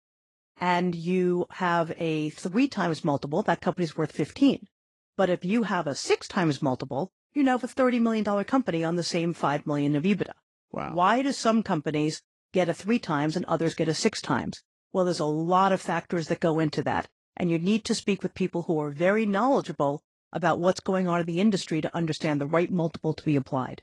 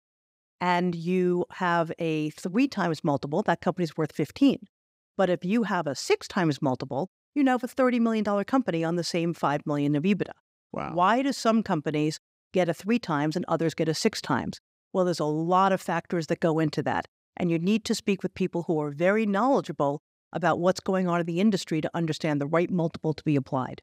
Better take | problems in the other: second | garbled, watery; slightly

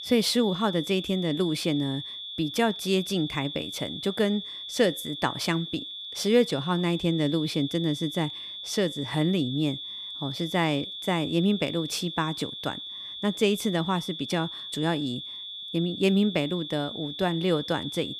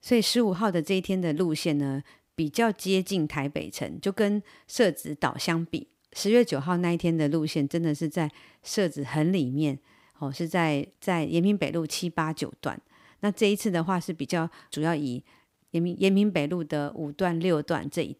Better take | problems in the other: second | high-pitched whine; loud; throughout; 3.5 kHz, 8 dB below the speech

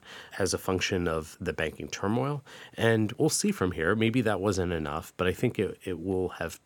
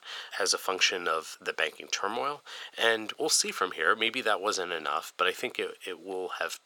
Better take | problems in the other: first | thin; very; fading below 600 Hz

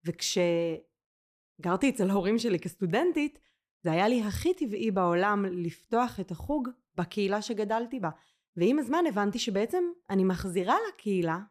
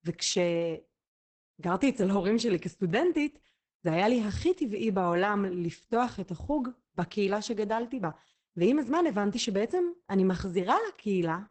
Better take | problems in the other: first | garbled, watery; badly; nothing above 8 kHz

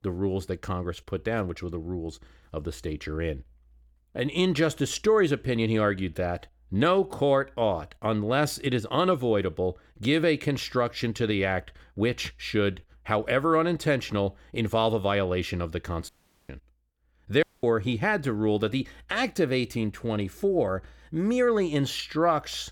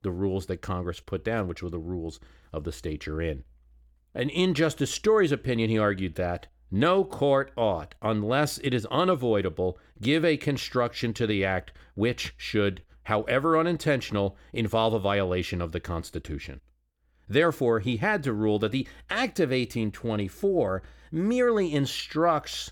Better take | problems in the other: second | audio cutting out; at 16 s and at 17 s

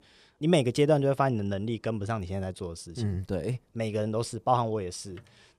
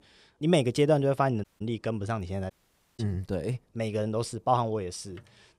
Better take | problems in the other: first | audio cutting out; at 1.5 s and at 2.5 s

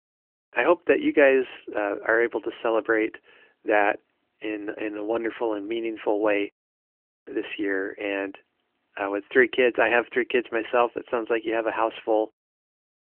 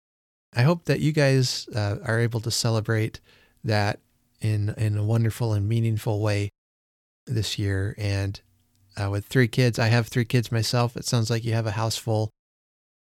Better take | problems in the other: second | phone-call audio; nothing above 3 kHz

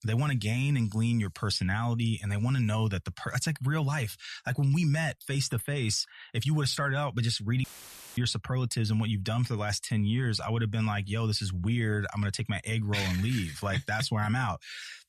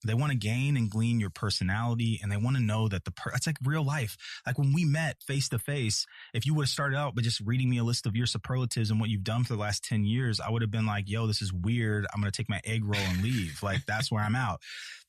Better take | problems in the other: second | audio cutting out; filled with static; at 7.5 s for 0.5 s

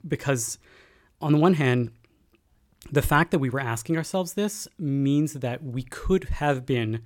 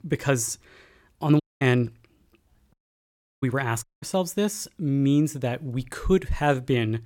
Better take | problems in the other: first | audio cutting out; at 1.5 s, at 2.5 s for 0.5 s and at 4 s

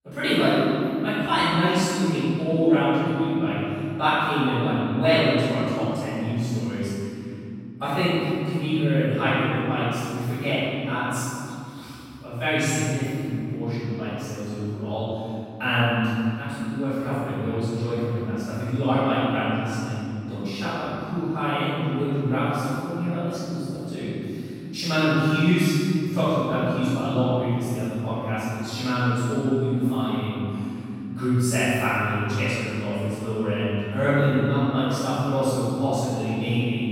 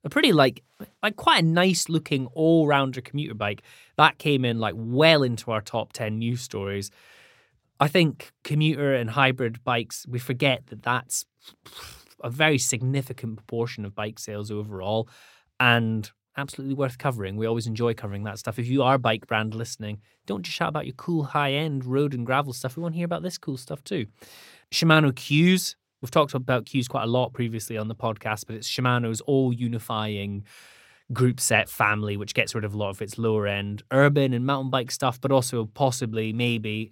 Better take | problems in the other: second | off-mic speech; far // room echo; strong; dies away in 3 s

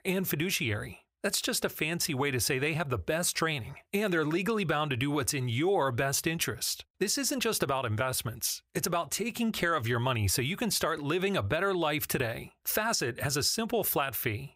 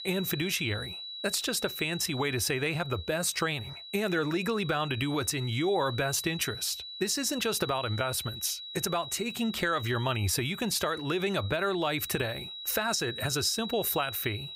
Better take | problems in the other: first | high-pitched whine; loud; throughout; 4 kHz, 9 dB below the speech

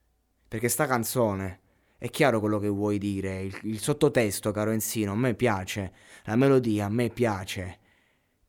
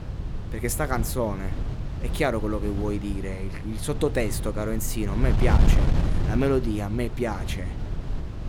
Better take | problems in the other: first | wind noise on the microphone; heavy; 9 dB below the speech

